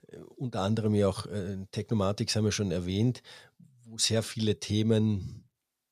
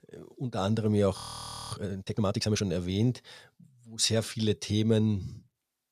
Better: first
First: none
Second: audio freezing; at 1 s for 0.5 s

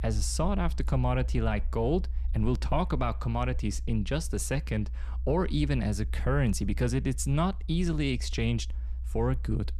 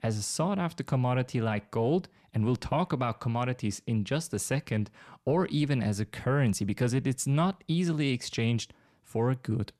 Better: second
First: low rumble; faint; throughout; 25 dB below the speech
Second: none

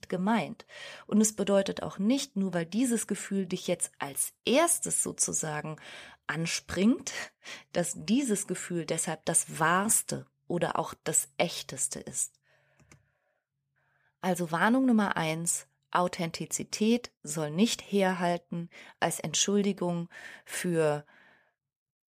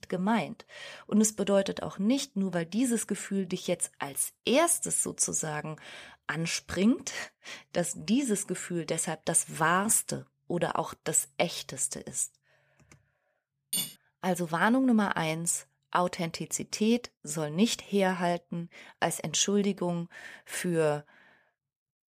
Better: first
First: none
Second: clattering dishes; noticeable; at 14 s; peak 2 dB below the speech

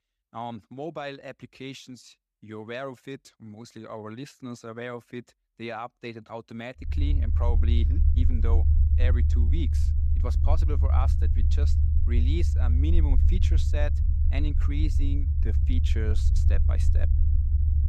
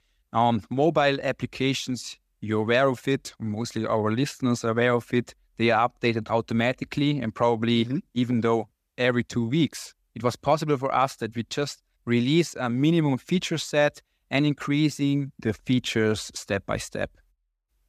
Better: second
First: low rumble; loud; from 7 s on; 4 dB below the speech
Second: none

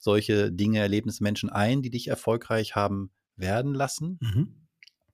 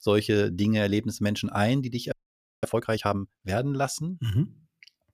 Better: first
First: none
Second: audio freezing; at 2 s for 0.5 s

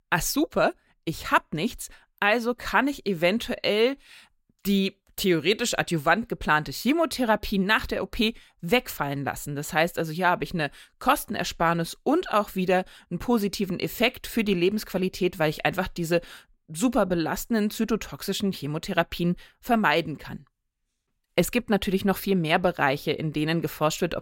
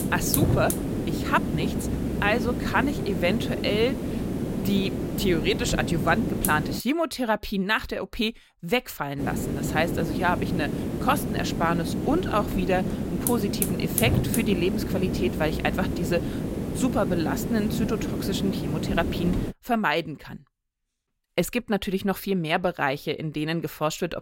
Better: first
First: none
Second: hiss; loud; until 7 s and from 9 to 20 s; 1 dB below the speech

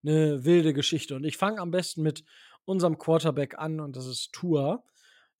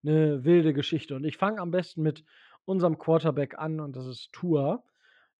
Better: first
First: none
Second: muffled; slightly; fading above 2.5 kHz

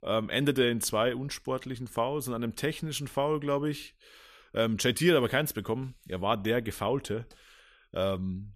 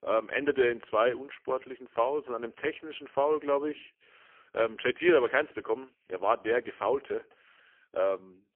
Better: first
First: none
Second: phone-call audio; poor line; nothing above 3.5 kHz

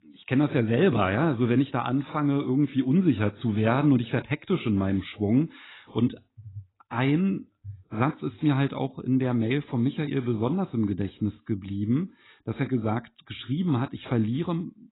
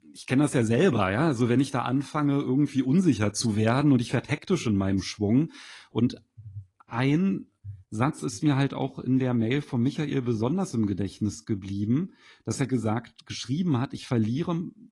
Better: second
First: garbled, watery; badly; nothing above 4 kHz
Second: garbled, watery; slightly; nothing above 10.5 kHz

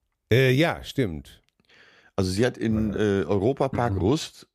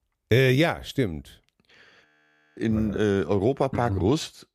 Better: first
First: none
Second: audio freezing; at 2 s for 0.5 s

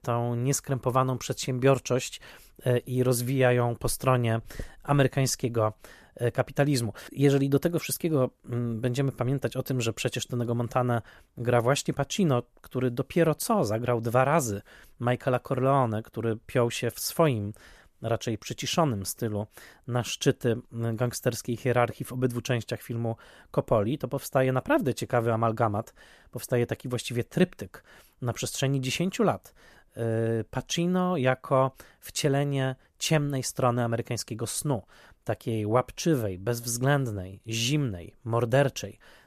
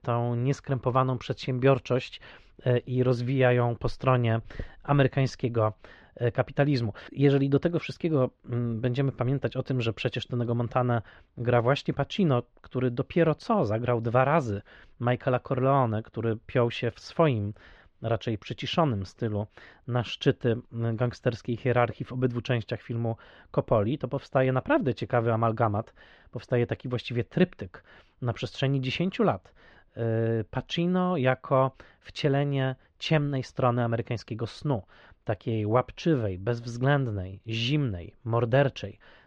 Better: first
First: none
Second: muffled; slightly; fading above 4 kHz

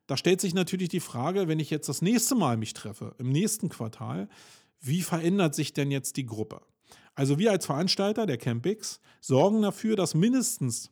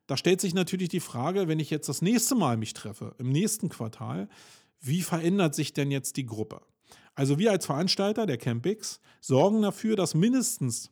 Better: neither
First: none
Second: none

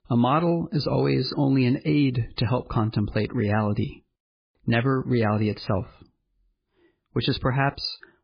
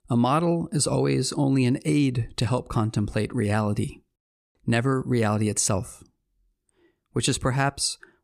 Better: second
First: garbled, watery; badly; nothing above 5 kHz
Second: none

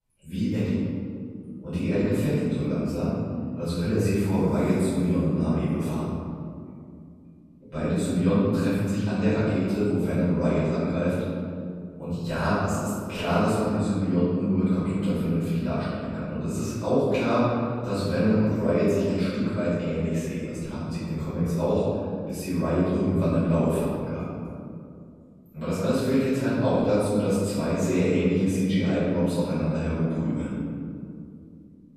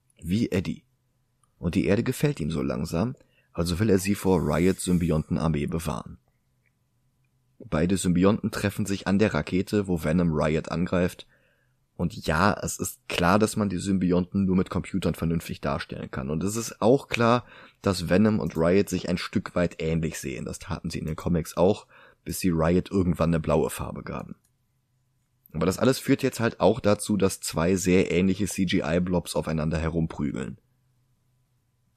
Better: second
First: room echo; strong; dies away in 2.5 s // off-mic speech; far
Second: none

